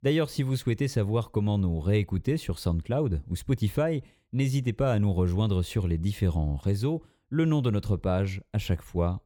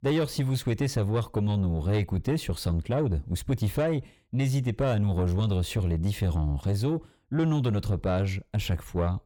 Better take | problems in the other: first | distortion; slight; 10 dB below the speech

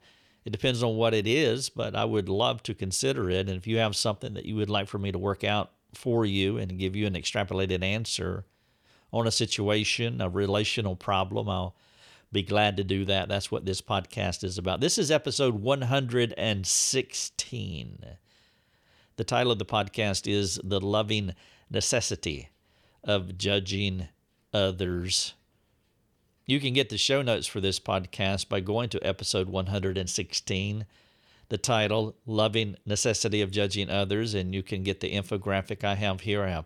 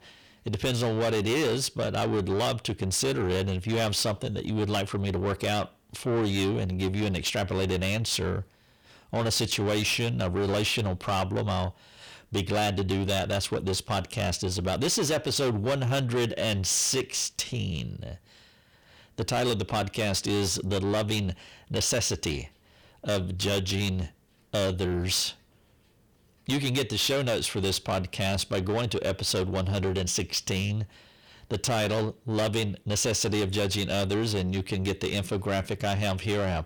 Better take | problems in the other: first | distortion; heavy; 7 dB below the speech

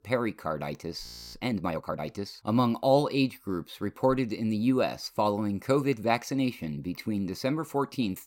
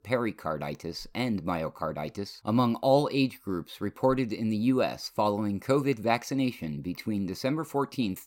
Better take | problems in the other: second | audio freezing; at 1 s

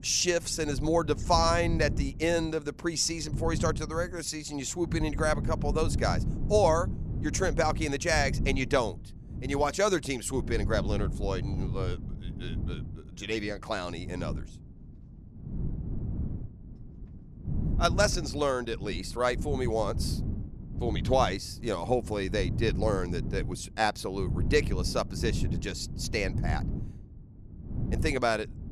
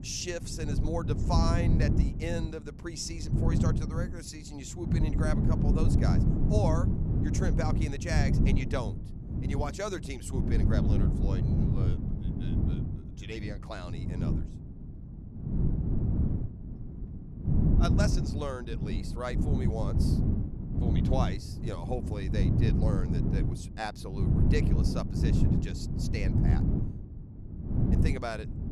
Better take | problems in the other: first | wind noise on the microphone; heavy; 1 dB below the speech; occasional gusts in the first

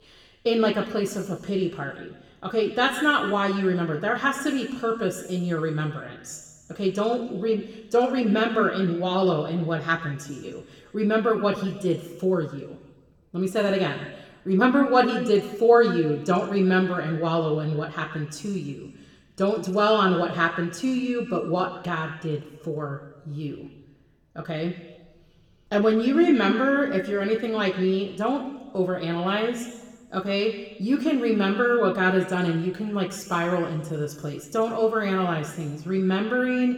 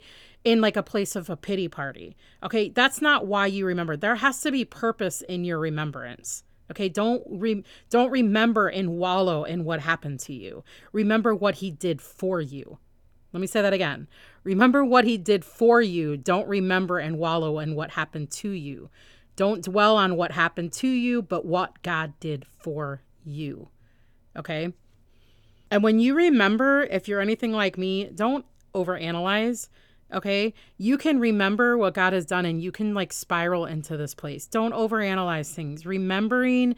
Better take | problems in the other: second | room echo; slight; dies away in 1.2 s // off-mic speech; somewhat distant

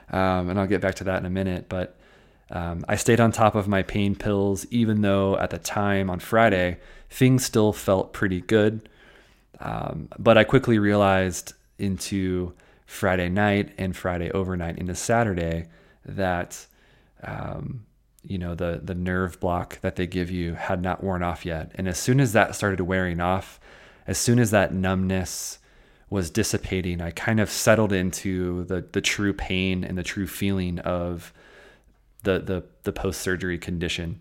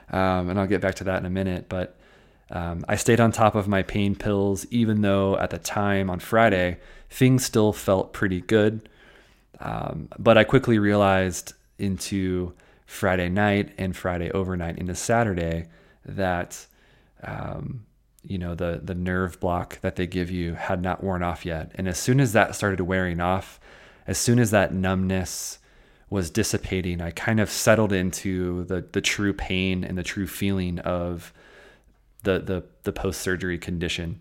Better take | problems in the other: neither | none

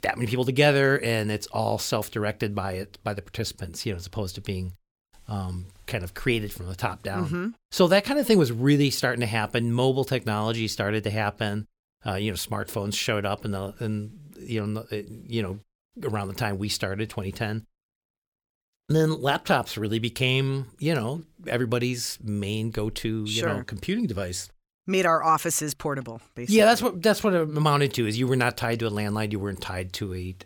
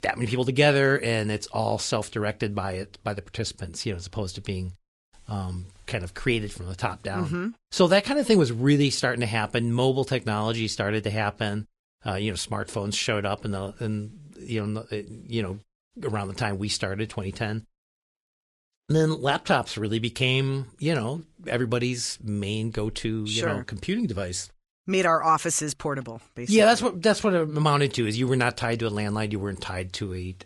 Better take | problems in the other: first | garbled, watery; slightly; nothing above 10.5 kHz

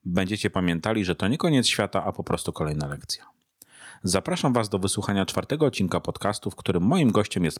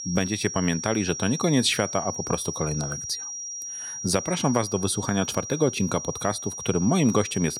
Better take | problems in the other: first | high-pitched whine; loud; throughout; 5.5 kHz, 7 dB below the speech

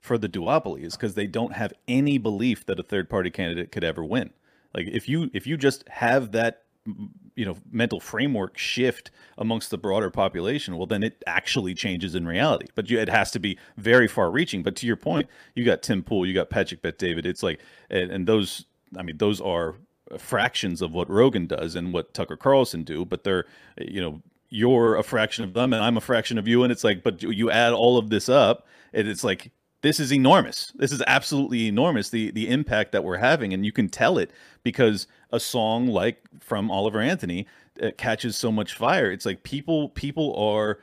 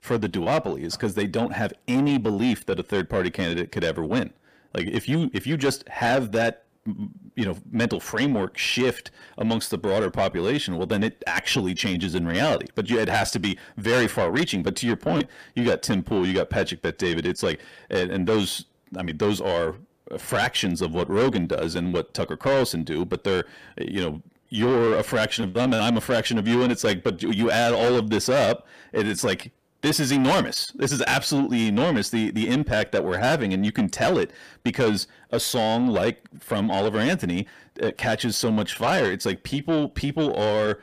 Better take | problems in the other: first | distortion; heavy; 8 dB below the speech

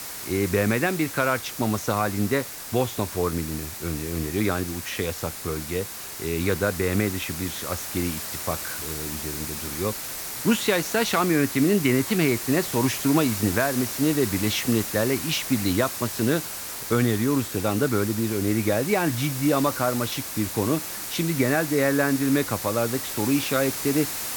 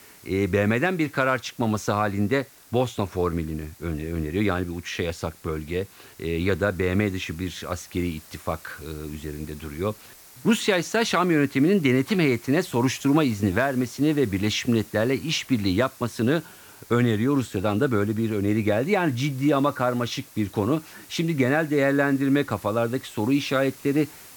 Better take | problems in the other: second | hiss; loud; throughout; 6 dB below the speech; faint in the second

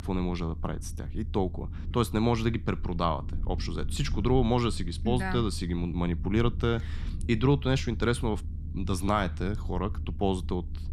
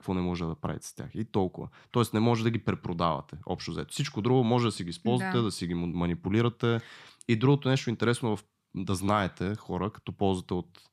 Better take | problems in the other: second | low rumble; faint; throughout; 20 dB below the speech

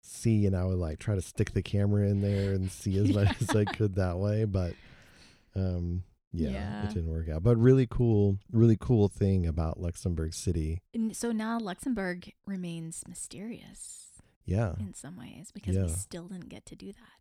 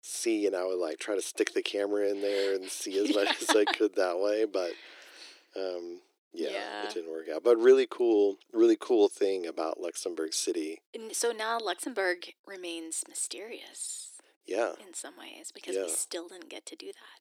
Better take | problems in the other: first | thin; very; fading below 300 Hz

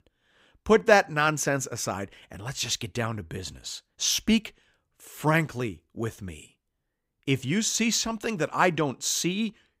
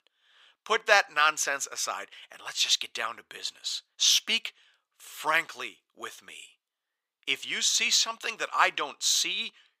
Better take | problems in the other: first | thin; very; fading below 750 Hz

